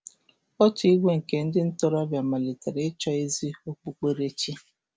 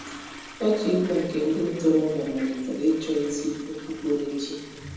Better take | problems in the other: first | background sound (Toilet flush); 17 dB below the speech // room echo; dies away in 1.1 s

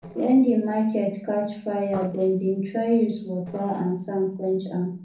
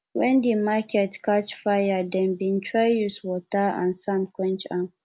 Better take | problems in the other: second | noise reduction (neural separator model SepFormer DNS4)

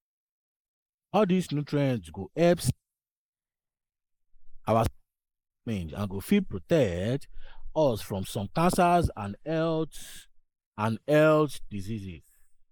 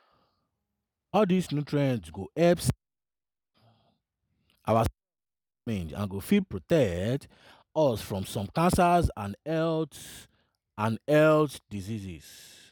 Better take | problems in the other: second | noise reduction (neural mask model Resemble Enhance denoiser)

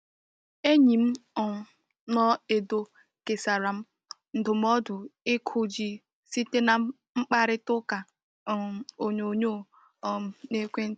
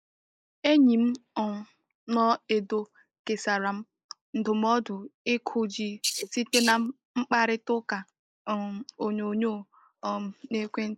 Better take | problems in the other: first | noise reduction (neural mask model Resemble Enhance denoiser)

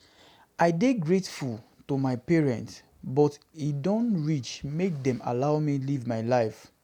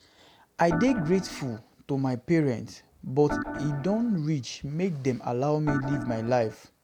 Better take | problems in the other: first | background sound (Organ); 7 dB below the speech

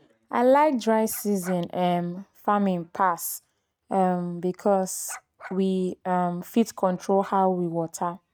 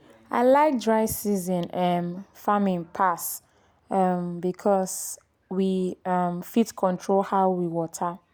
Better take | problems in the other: second | noise reduction (neural mask model RNNoise)

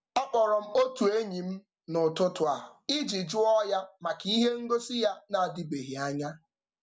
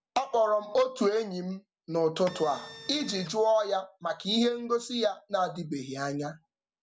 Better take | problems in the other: first | background sound (Printer); 15 dB below the speech

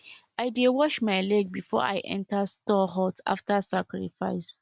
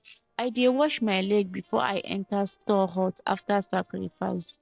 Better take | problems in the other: first | noise reduction (neural separator model SepFormer DNS4)

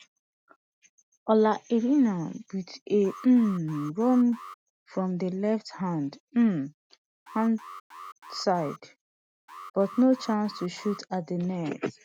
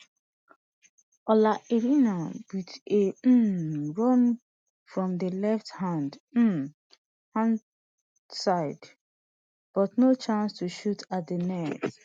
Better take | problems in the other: second | background sound (Alarm); 17 dB below the speech

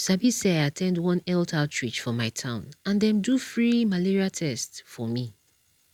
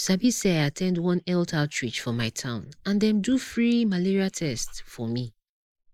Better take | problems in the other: first | noise reduction (neural mask model Resemble Enhance denoiser)

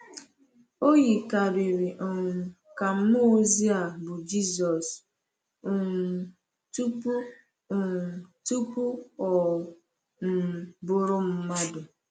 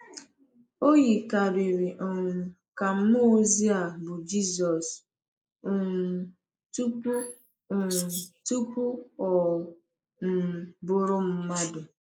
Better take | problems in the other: first | noise reduction (neural mask model Resemble Enhance denoiser)

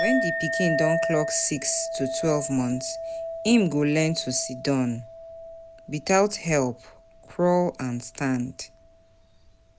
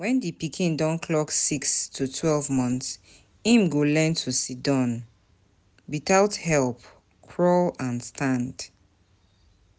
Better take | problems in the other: second | background sound (Chink, clink); 6 dB below the speech

